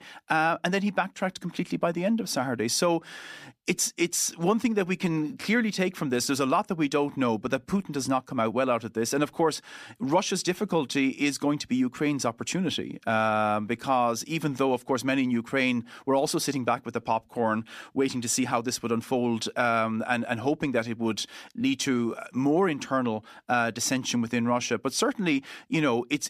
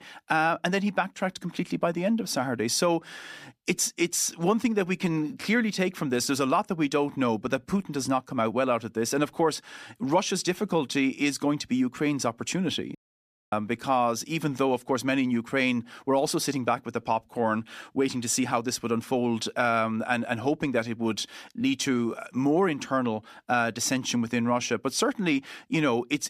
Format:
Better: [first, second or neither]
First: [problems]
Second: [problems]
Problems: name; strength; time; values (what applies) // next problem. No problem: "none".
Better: first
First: none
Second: audio cutting out; at 13 s for 0.5 s